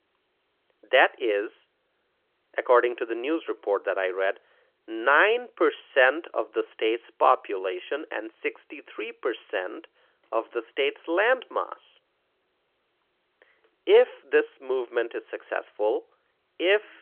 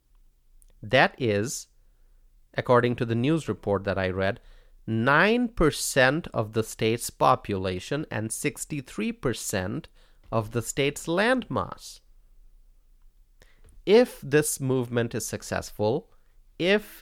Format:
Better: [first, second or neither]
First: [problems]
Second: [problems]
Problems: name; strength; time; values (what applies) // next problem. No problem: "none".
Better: second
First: phone-call audio; nothing above 3 kHz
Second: none